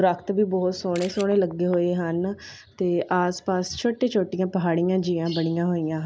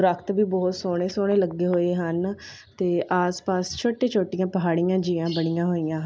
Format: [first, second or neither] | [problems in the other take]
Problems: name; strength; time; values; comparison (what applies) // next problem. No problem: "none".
second | background sound (Camera); 16 dB below the speech